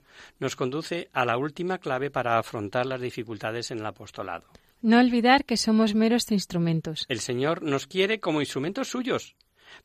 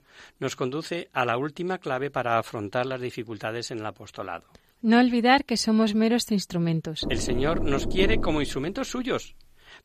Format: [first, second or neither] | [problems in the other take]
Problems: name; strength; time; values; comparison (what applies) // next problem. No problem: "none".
first | door banging; noticeable; from 7 to 8.5 s; peak 3 dB below the speech